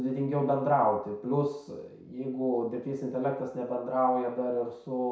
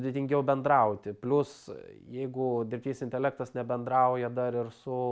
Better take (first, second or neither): second